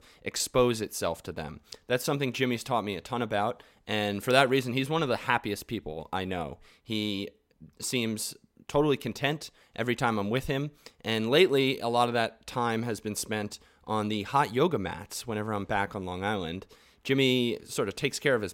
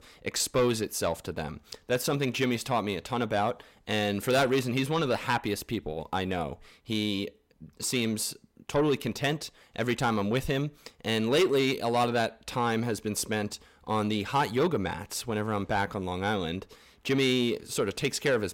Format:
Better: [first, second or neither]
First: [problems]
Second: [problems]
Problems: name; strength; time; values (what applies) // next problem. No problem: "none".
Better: first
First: none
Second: distortion; slight; 10 dB below the speech